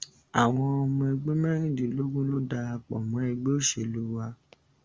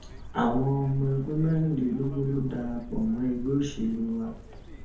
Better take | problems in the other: first | background sound (Chirp, tweet); 11 dB below the speech // room echo; dies away in 0.6 s

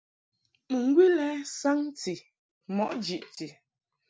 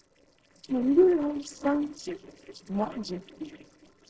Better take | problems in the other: first | noise reduction (neural separator model SepFormer DNS4)

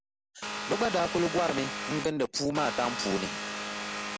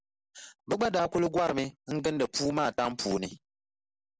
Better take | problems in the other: second | background sound (Vehicle); 4 dB below the speech

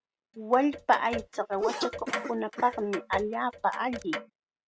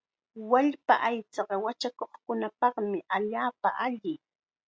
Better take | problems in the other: second | background sound (Cough + Clock); 7 dB below the speech

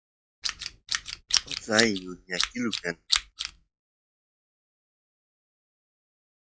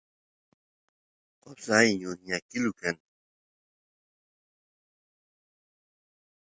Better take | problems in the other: second | noise reduction (classical method log-MMSE)

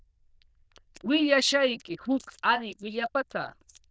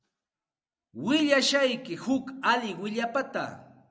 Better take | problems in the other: second | noise reduction (neural diffusion model UNIVERSE++)

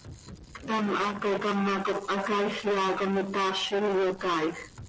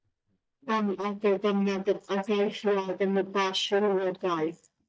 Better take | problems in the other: first | noise reduction (neural mask model DeepFilterNet 3)

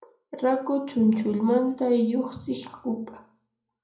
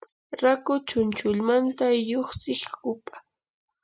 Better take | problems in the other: second | room echo; dies away in 0.6 s

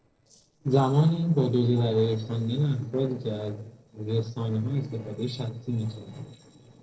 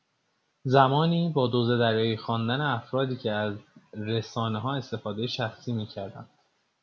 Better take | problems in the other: second | noise reduction (neural separator model SepFormer DNS4)

